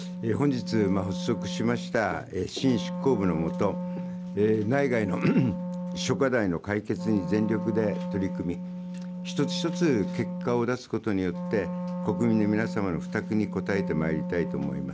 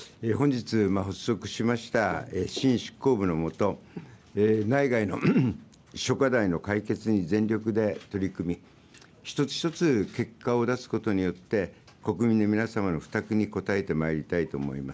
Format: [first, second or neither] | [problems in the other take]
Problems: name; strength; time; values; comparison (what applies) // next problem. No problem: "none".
second | background sound (Wind instrument, woodwind instrument); 6 dB below the speech